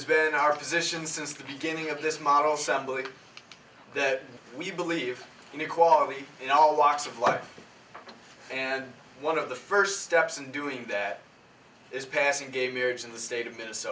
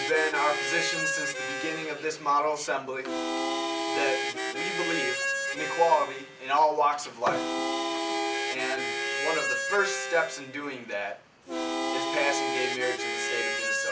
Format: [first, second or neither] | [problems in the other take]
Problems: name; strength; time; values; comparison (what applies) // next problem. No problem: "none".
first | background sound (Harmonica); 1 dB below the speech